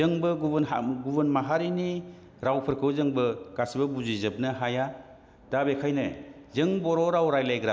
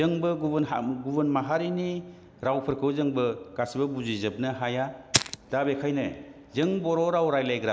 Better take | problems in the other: first | background sound (Fire); 5 dB below the speech

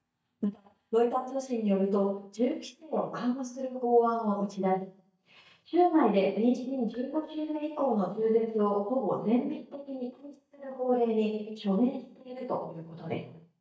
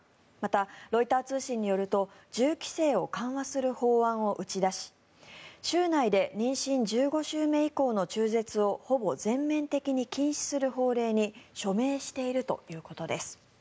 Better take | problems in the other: second | noise reduction (neural mask model DeepFilterNet 3)

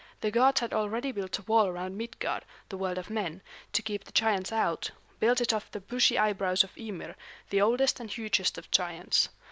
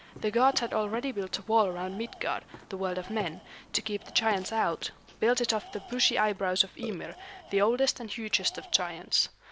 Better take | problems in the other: first | background sound (Burping, eructation + Tools); 19 dB below the speech

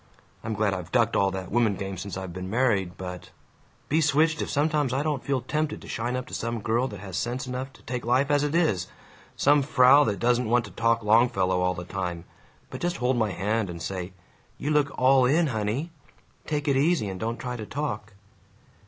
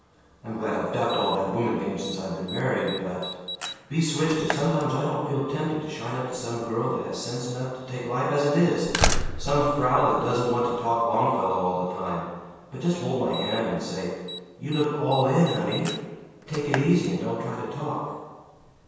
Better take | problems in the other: first | background sound (Slam); 9 dB below the speech // room echo; dies away in 1.2 s

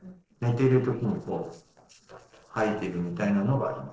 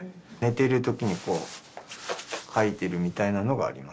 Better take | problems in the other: second | noise reduction (neural separator model SepFormer DNS4)

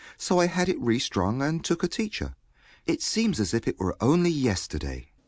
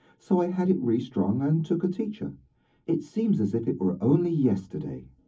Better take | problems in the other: first | room echo; dies away in 0.3 s

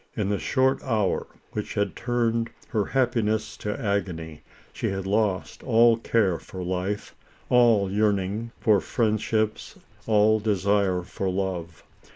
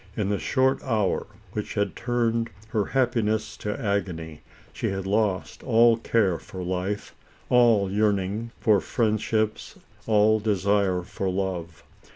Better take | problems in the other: second | noise reduction (neural mask model Resemble Enhance denoiser)

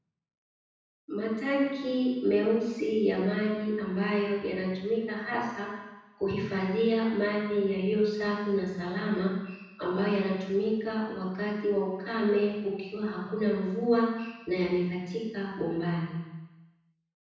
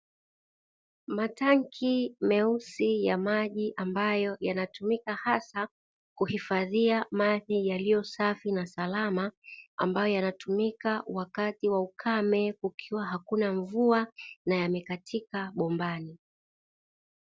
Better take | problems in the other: second | room echo; dies away in 1.1 s

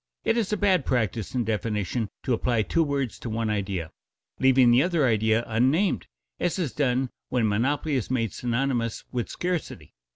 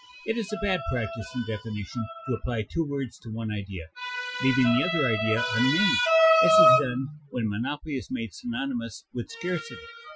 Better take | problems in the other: first | noise reduction (classical method Wiener filter)

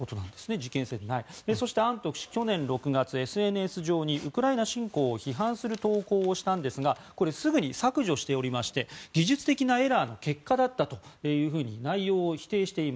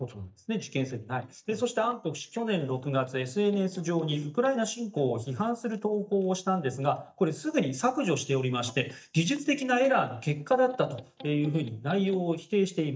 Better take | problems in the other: first | noise reduction (neural mask model DeepFilterNet 3)

